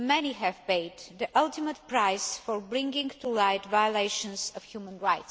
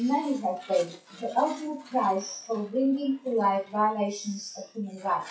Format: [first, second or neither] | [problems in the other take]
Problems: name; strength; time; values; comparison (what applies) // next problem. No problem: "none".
first | noise reduction (classical method WPE with log-MMSE)